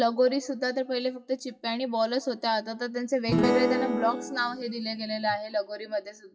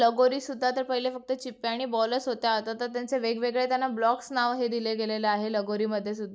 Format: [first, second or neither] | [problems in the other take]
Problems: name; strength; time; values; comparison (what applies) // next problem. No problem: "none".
second | noise reduction (classical method WPE with log-MMSE)